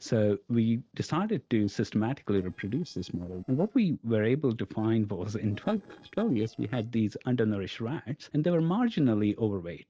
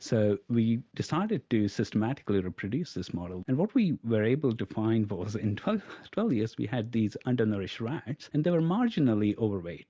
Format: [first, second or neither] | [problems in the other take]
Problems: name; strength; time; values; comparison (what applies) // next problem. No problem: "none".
second | noise reduction (neural separator model SepFormer DNS4)